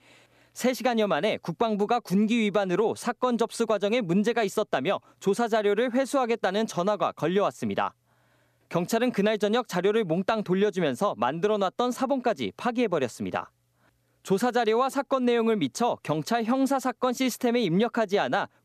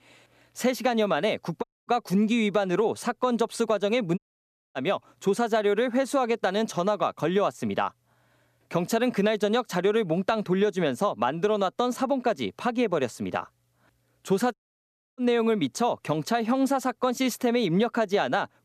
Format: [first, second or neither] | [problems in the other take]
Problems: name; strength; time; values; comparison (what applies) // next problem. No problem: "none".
first | audio cutting out; at 1.5 s, at 4 s for 0.5 s and at 15 s for 0.5 s